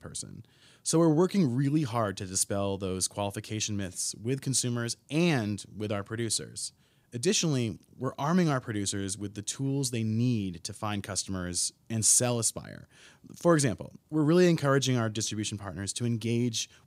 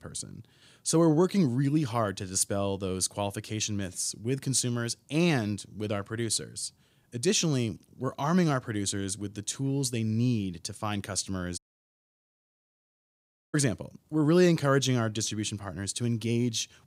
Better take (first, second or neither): first